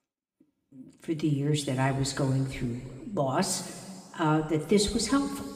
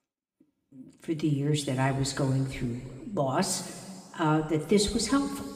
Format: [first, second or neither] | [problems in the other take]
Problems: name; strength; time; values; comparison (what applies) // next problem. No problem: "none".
neither | room echo; slight; dies away in 1.8 s; the same in both